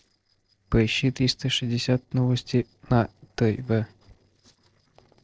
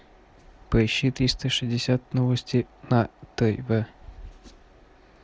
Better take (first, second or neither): second